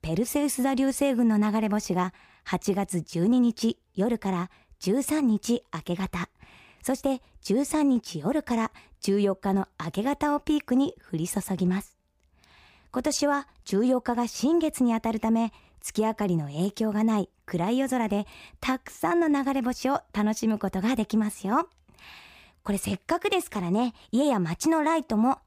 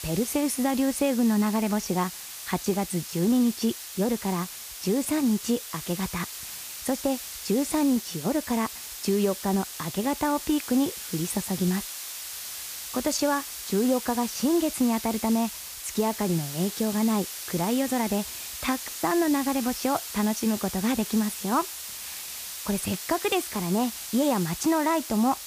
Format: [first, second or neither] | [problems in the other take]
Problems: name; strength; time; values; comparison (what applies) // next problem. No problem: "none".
first | hiss; loud; throughout; 8 dB below the speech